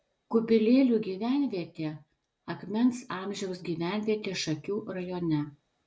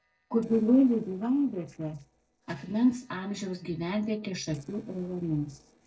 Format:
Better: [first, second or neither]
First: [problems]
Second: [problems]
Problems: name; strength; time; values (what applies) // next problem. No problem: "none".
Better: first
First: none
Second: noise reduction (neural separator model SepFormer DNS4)